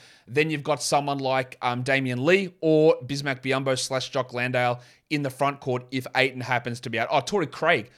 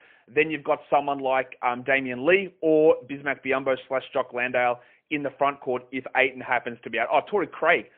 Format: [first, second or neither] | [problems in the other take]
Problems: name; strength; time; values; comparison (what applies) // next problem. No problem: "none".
first | phone-call audio; poor line